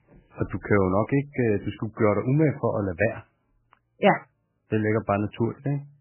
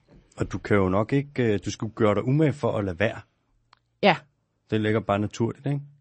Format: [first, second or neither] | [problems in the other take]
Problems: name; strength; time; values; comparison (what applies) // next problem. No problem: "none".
second | garbled, watery; badly; nothing above 3 kHz; slightly in the second